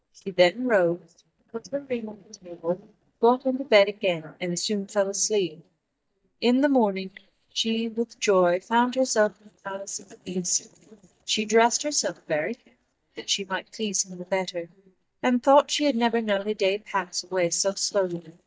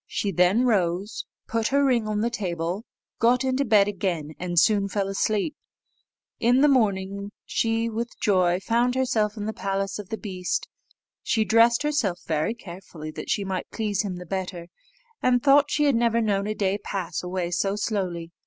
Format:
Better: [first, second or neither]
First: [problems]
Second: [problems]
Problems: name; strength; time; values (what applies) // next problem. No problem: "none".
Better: second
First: noise reduction (neural mask model DeepFilterNet 3)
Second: none